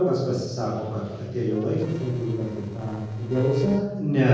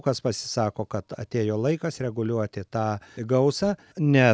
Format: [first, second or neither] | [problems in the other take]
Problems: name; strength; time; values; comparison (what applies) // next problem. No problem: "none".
second | noise reduction (neural separator model SepFormer DNS4)